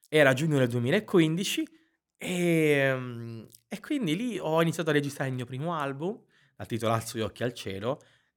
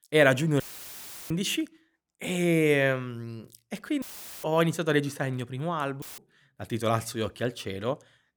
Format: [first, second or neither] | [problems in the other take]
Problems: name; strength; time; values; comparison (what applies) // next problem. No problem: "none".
first | audio cutting out; filled with static; at 0.5 s for 0.5 s, at 4 s and at 6 s